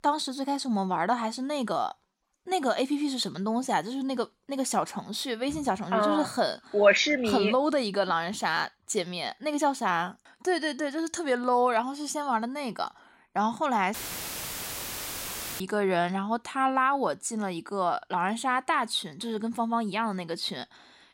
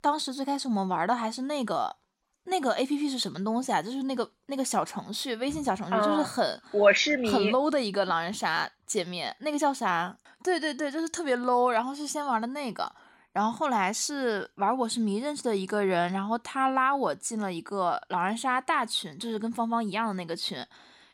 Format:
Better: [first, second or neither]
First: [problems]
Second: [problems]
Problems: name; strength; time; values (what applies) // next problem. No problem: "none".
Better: second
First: audio cutting out; filled with static; at 14 s for 1.5 s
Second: none